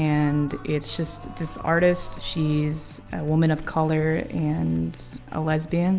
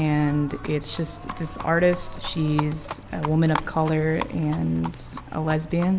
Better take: first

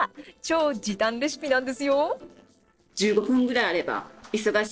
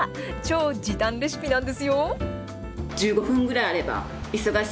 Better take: second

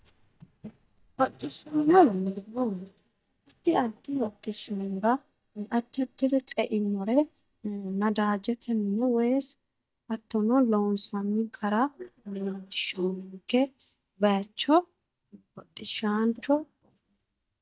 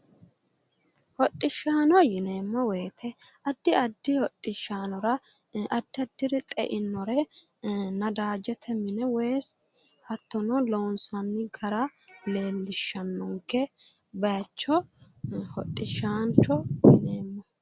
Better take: second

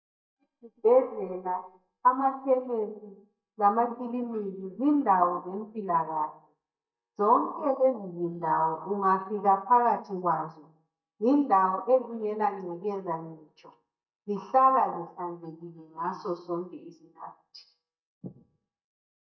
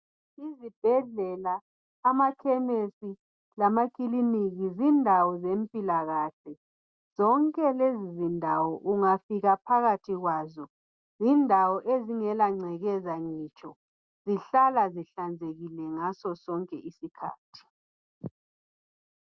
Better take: second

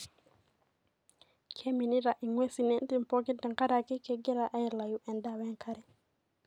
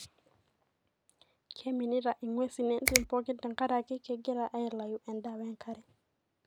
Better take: first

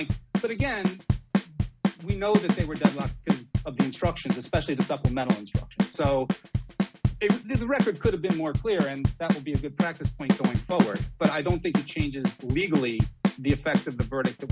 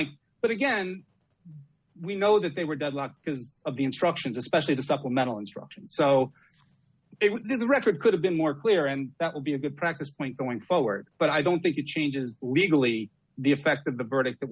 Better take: second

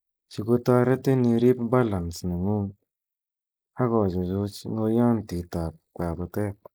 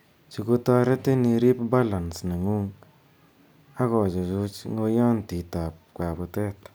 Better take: second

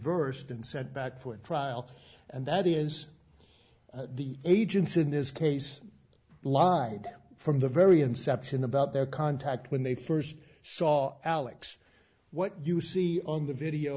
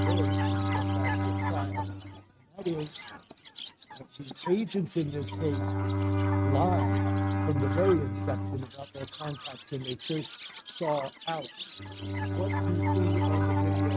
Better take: first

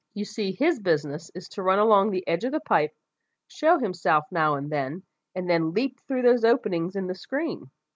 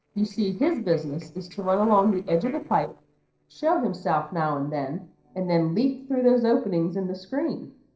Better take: first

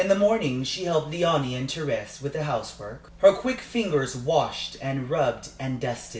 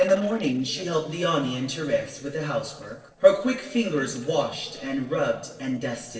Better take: first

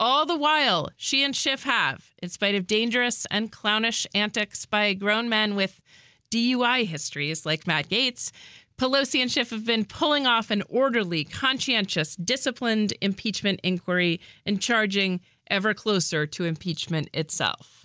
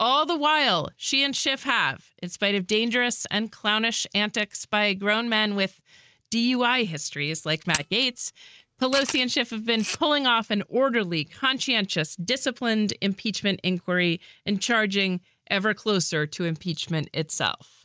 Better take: first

